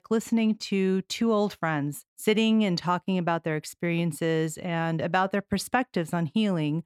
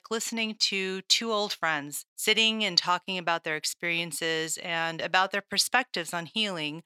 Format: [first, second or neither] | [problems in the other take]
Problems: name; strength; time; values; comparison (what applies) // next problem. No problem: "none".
first | thin; somewhat; fading below 1 kHz